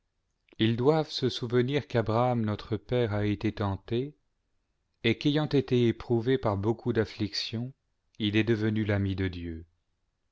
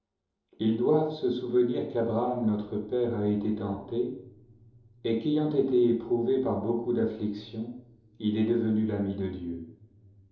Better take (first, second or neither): first